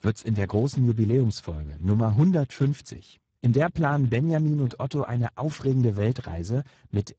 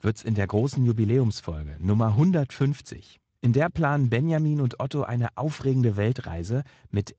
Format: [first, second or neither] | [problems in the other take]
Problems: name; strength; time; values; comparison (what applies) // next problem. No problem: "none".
second | garbled, watery; badly; nothing above 8 kHz; slightly in the second